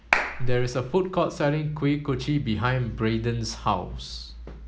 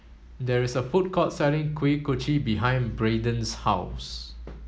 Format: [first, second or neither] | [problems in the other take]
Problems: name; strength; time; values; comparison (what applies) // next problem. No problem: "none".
second | background sound (Clapping); 1 dB above the speech